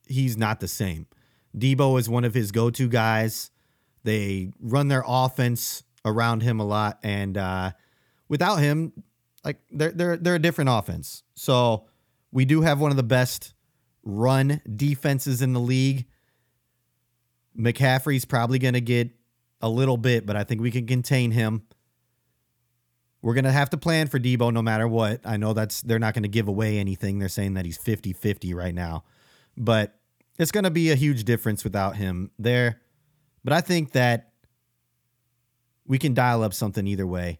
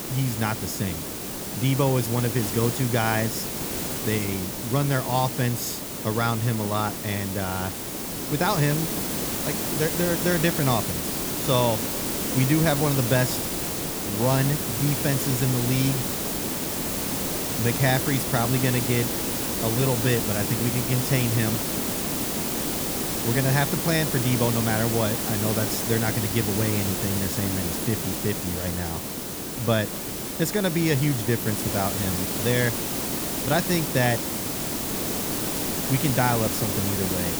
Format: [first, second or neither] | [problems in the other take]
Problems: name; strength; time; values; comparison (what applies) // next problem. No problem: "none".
first | hiss; loud; throughout; 1 dB below the speech